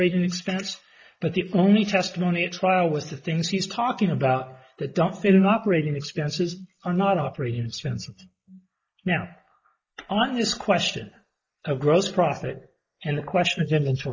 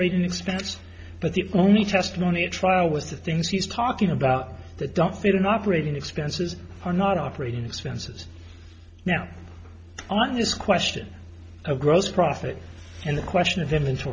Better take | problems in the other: second | noise reduction (neural mask model Resemble Enhance denoiser)

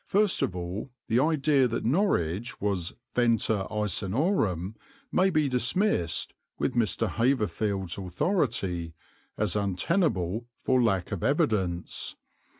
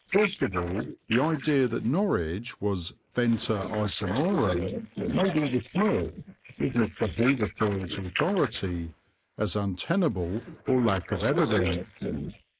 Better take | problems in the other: first | noise reduction (neural mask model Resemble Enhance denoiser)

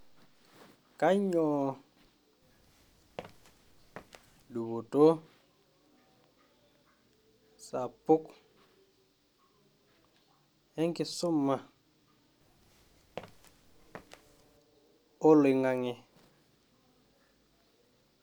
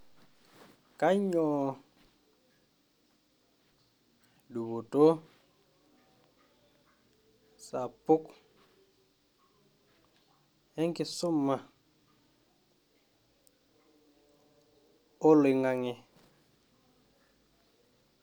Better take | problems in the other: second | background sound (Walk, footsteps); 19 dB below the speech

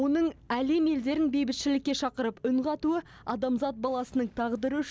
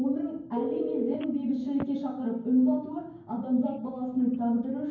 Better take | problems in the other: first | background sound (Telephone); 12 dB below the speech // room echo; dies away in 0.9 s

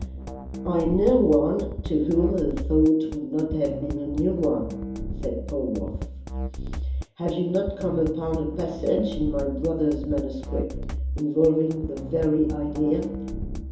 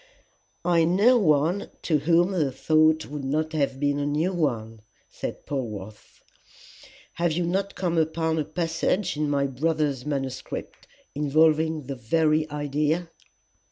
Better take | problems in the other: second | background sound (Drum kit); 7 dB below the speech // room echo; dies away in 2.8 s

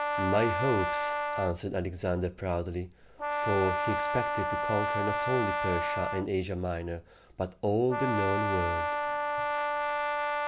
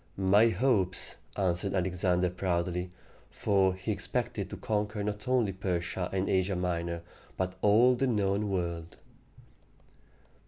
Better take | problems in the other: second | background sound (Brass instrument); as loud as the speech

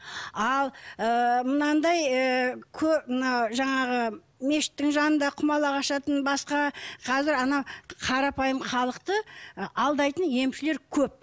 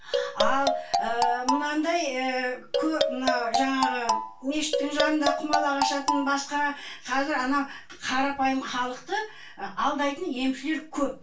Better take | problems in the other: first | background sound (Marimba, xylophone); as loud as the speech // room echo; dies away in 0.2 s

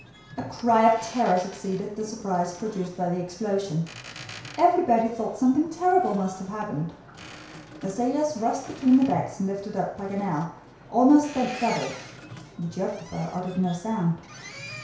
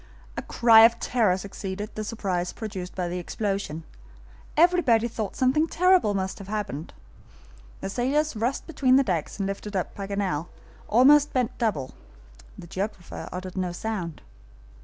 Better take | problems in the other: second | background sound (Boat, Water vehicle); 18 dB below the speech // room echo; dies away in 0.6 s

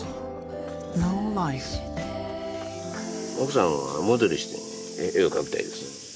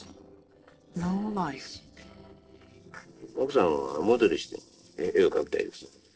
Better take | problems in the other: first | noise reduction (neural separator model SepFormer DNS4)

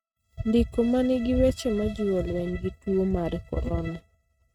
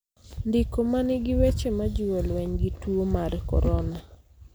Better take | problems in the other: second | noise reduction (neural mask model RNNoise)

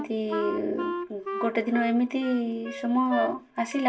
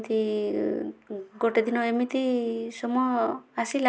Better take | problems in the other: second | background sound (Wind instrument, woodwind instrument); 8 dB below the speech // room echo; dies away in 0.1 s

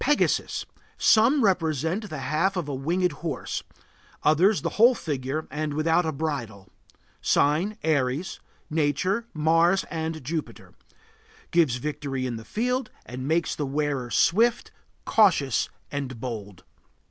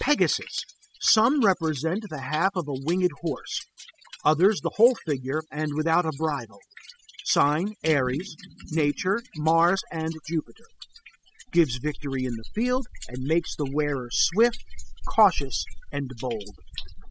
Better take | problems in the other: first | noise reduction (classical method spectral subtraction)

